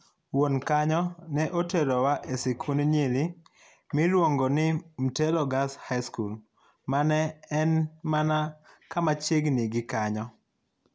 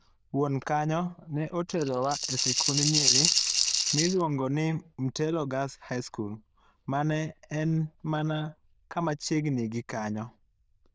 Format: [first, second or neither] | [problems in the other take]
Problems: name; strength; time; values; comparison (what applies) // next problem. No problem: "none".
first | noise reduction (neural diffusion model UNIVERSE++)